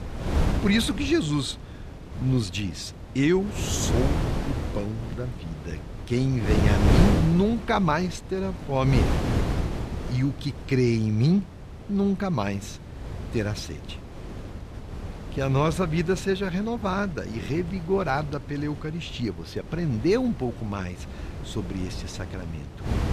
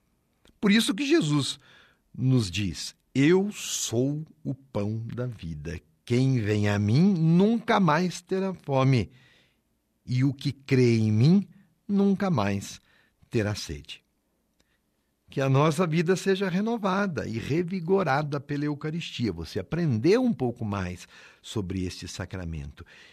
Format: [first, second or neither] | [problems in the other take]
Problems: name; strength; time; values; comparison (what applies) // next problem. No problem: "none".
second | wind noise on the microphone; heavy; 7 dB below the speech